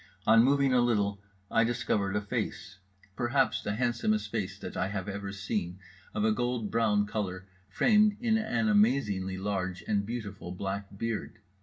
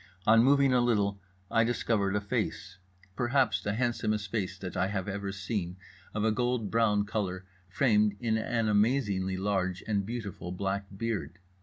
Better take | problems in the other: second | room echo; dies away in 0.2 s

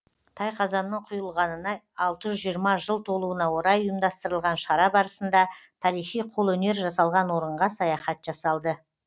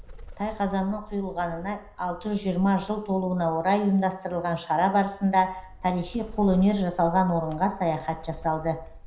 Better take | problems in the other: first | background sound (Bird); 18 dB below the speech // room echo; dies away in 0.5 s

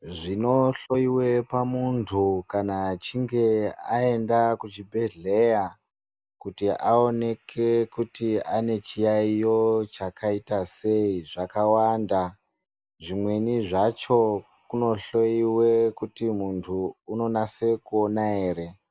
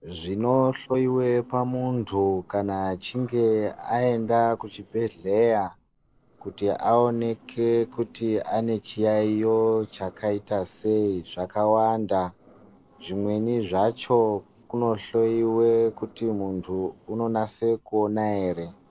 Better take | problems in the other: first | noise reduction (neural separator model SepFormer DNS4)

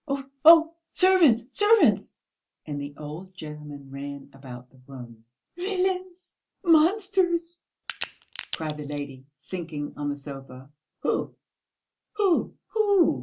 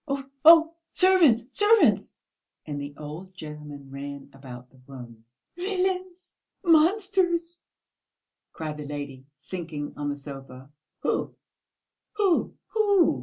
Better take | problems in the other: second | background sound (Crack); 13 dB below the speech

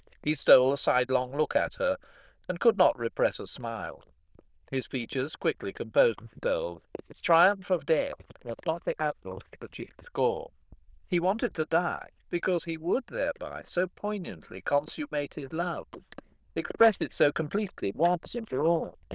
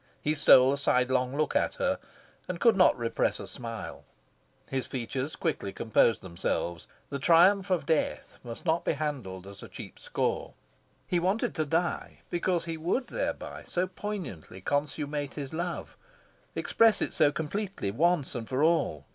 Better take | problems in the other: second | noise reduction (neural diffusion model UNIVERSE++)

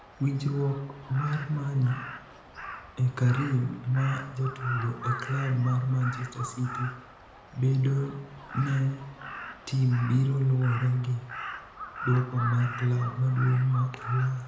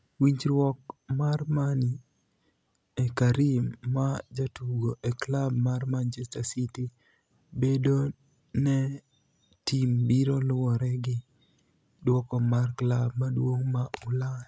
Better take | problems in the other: second | background sound (Crow); 12 dB below the speech // room echo; dies away in 0.8 s

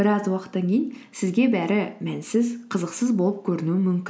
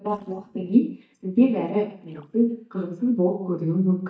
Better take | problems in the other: first | noise reduction (neural mask model DeepFilterNet 3)

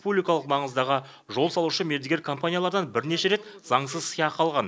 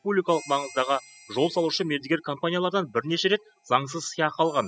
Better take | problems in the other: first | noise reduction (classical method spectral subtraction)

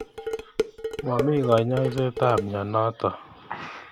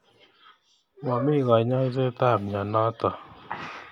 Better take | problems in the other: second | background sound (Dishes, pots, and pans); 6 dB below the speech

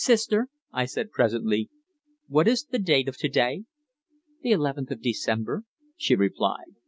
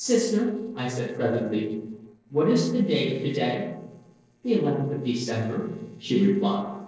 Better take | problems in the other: first | noise reduction (neural separator model SepFormer DNS4)

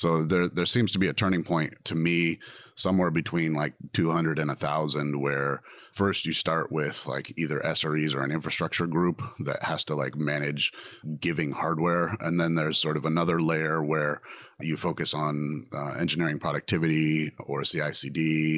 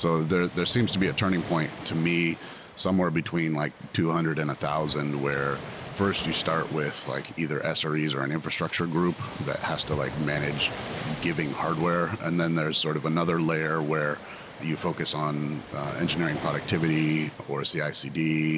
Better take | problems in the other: first | background sound (Waves, surf); 13 dB below the speech

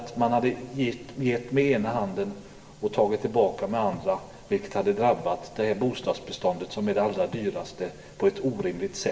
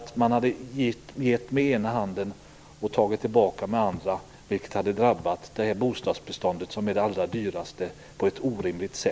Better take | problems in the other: second | room echo; dies away in 2.5 s

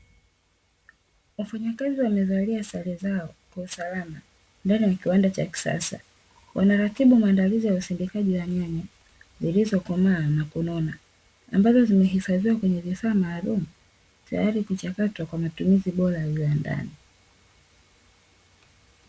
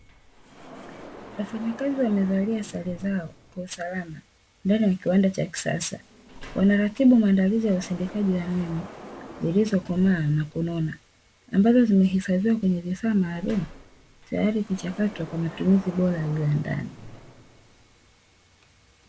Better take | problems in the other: first | background sound (Sliding door); 20 dB below the speech

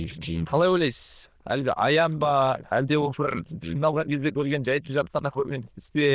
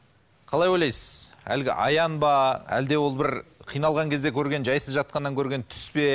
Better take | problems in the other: second | noise reduction (neural diffusion model UNIVERSE++)

